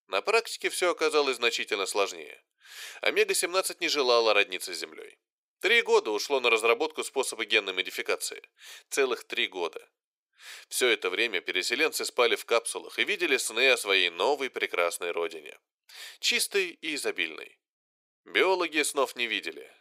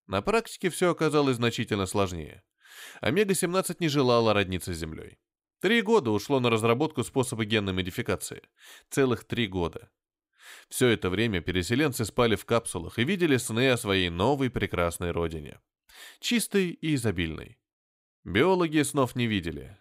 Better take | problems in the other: second | thin; very; fading below 400 Hz

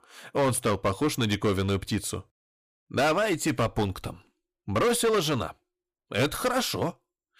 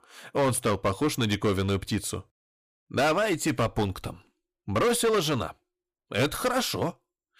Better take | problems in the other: neither | distortion; heavy; 8% of the sound clipped; the same in both

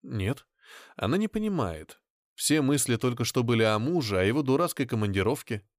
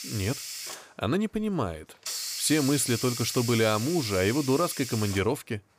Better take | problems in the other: first | hiss; loud; throughout; 7 dB below the speech

